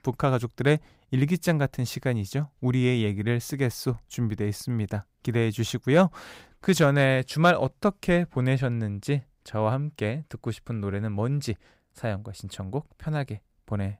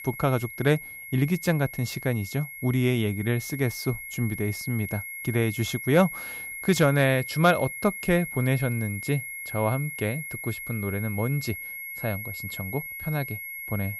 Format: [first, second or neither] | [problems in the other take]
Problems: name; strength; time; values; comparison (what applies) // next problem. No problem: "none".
first | high-pitched whine; loud; throughout; 2 kHz, 8 dB below the speech